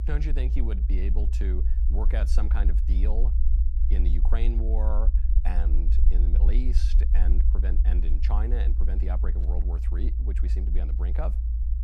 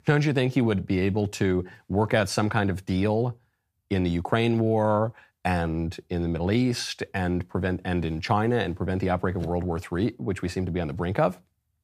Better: second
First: low rumble; loud; throughout; 6 dB below the speech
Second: none

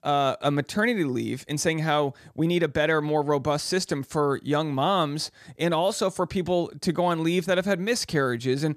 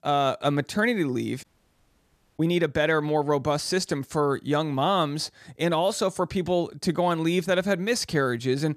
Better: first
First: none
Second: audio cutting out; at 1.5 s for 1 s

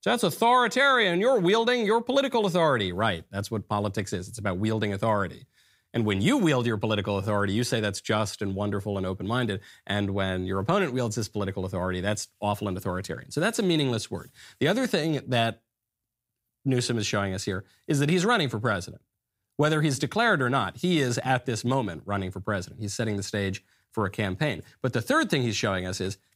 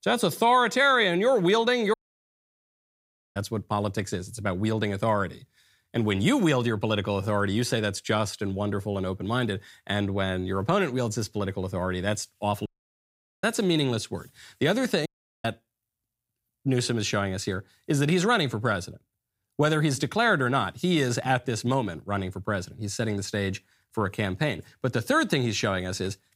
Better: first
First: none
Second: audio cutting out; at 2 s for 1.5 s, at 13 s for 1 s and at 15 s

